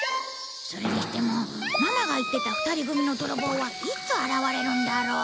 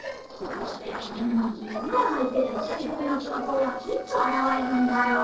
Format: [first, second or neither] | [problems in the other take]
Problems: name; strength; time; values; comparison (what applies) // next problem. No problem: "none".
first | noise reduction (neural separator model SepFormer DNS4)